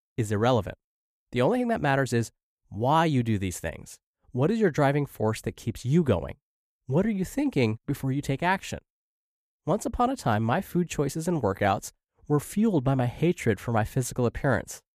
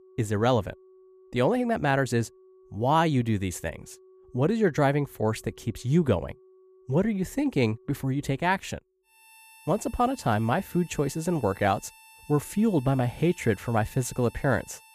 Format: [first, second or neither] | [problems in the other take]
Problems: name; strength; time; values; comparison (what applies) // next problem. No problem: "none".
first | background music; faint; throughout; 25 dB below the speech